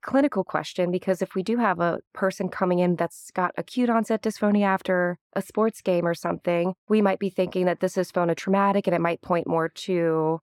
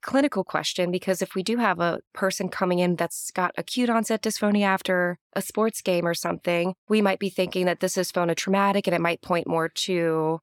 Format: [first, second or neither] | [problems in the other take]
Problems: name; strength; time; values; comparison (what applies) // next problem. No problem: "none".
second | muffled; slightly; fading above 2 kHz